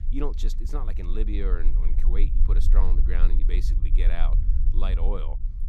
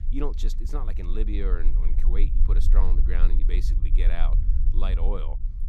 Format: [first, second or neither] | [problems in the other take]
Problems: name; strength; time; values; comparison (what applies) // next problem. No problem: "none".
neither | low rumble; loud; throughout; 9 dB below the speech; the same in both